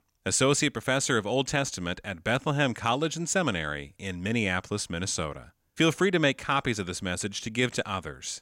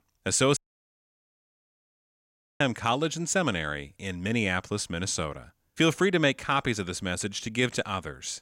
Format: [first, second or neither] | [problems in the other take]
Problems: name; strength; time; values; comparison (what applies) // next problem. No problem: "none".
first | audio cutting out; at 0.5 s for 2 s